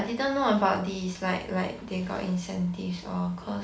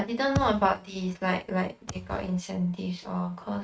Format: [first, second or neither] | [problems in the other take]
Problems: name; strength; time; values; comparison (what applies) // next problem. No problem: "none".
first | noise reduction (neural mask model RNNoise)